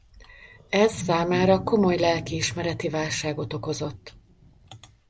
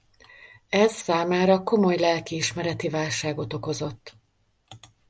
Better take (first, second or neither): second